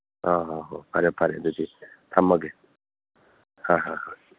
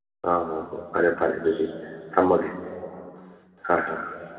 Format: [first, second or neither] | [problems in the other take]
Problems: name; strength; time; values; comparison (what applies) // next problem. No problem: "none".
first | room echo; dies away in 2.5 s